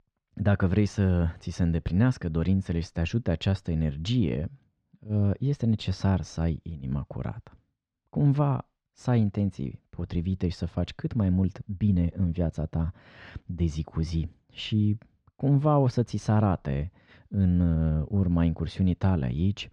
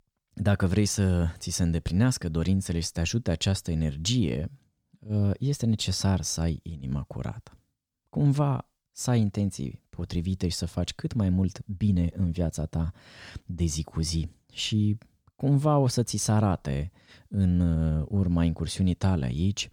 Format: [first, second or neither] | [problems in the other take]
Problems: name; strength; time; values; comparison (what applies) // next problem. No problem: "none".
second | muffled; slightly; fading above 2.5 kHz